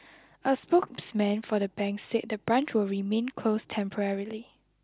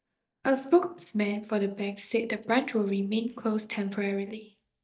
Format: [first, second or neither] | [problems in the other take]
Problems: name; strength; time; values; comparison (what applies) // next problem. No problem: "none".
first | noise reduction (neural mask model DeepFilterNet 3)